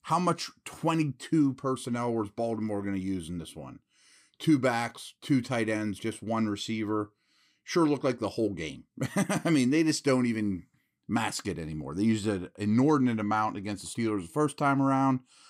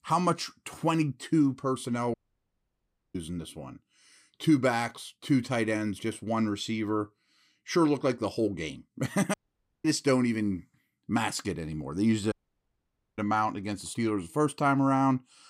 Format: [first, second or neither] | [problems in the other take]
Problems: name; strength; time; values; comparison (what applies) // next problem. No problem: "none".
first | audio cutting out; at 2 s for 1 s, at 9.5 s for 0.5 s and at 12 s for 1 s